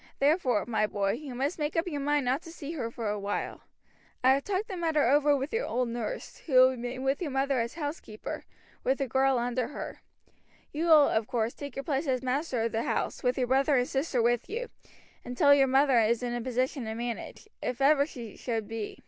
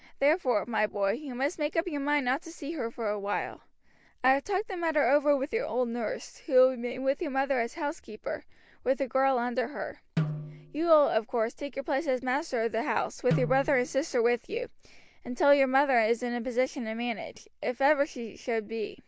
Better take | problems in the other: first | background sound (Snare drum); 9 dB below the speech

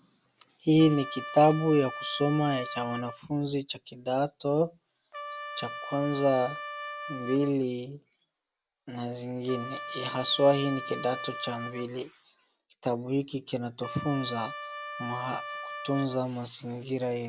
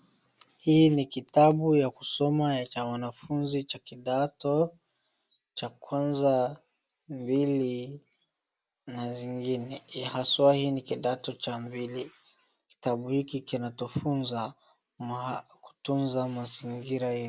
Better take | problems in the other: second | background sound (Trumpet); 12 dB below the speech

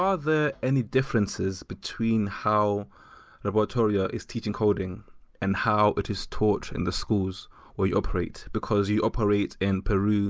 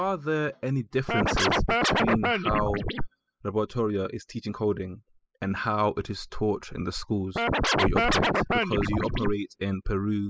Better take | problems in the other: first | noise reduction (classical method spectral subtraction)

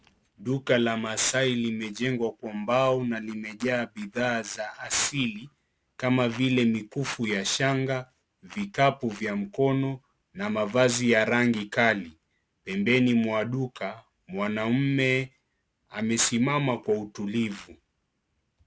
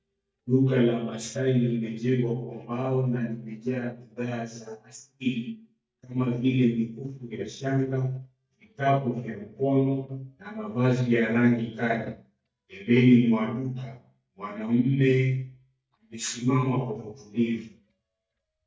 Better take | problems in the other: first | noise reduction (neural mask model DeepFilterNet 3)

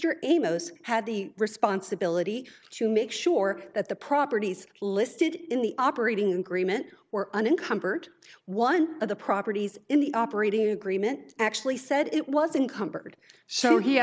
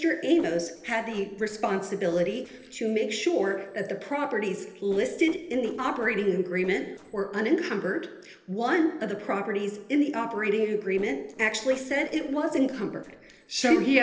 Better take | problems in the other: first | noise reduction (neural separator model SepFormer DNS4)

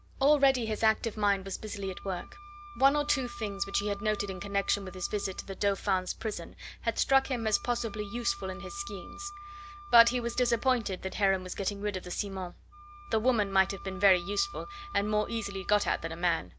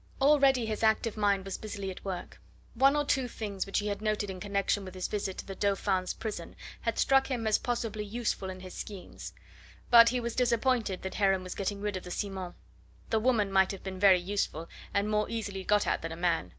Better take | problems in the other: second | background sound (Wind instrument, woodwind instrument); 18 dB below the speech

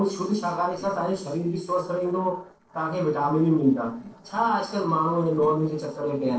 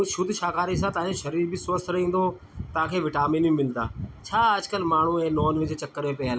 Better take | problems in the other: second | noise reduction (neural separator model SepFormer DNS4)

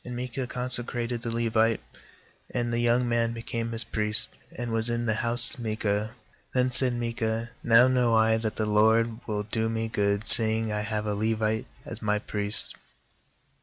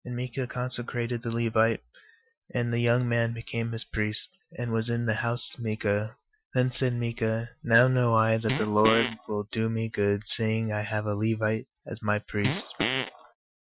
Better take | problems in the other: first | noise reduction (classical method Wiener filter)

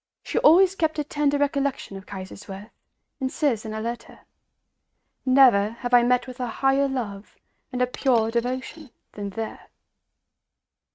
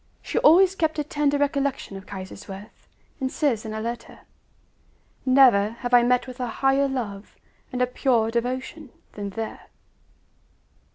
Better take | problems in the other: second | noise reduction (neural mask model RNNoise)

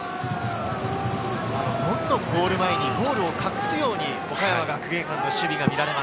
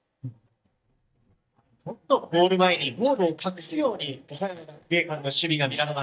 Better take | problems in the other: first | noise reduction (neural mask model DeepFilterNet 3)

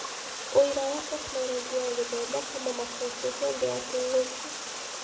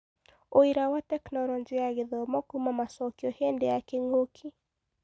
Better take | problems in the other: second | background sound (Water); 6 dB below the speech // room echo; dies away in 0.7 s

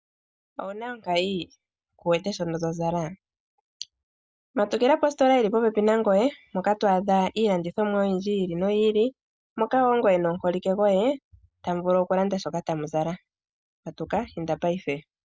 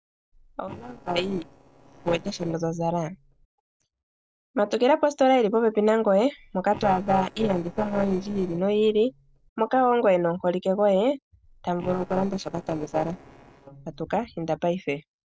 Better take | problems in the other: first | noise reduction (neural separator model SepFormer DNS4)

